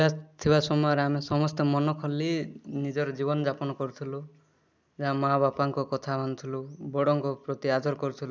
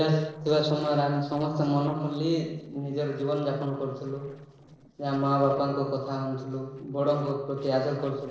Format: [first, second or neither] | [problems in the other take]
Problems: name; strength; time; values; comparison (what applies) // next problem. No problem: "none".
first | noise reduction (neural separator model SepFormer DNS4)